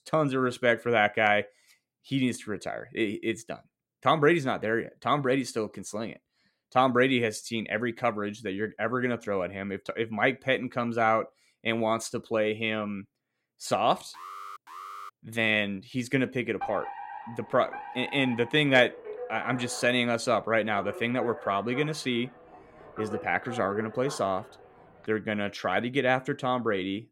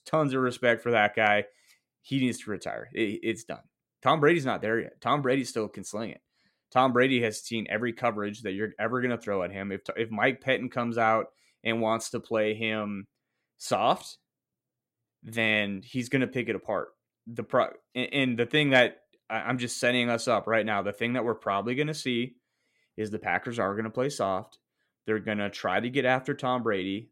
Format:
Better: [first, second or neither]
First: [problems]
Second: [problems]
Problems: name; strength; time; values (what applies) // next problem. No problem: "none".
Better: second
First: alarm; faint; at 14 s; peak 15 dB below the speech // alarm; noticeable; from 17 to 25 s; peak 9 dB below the speech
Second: none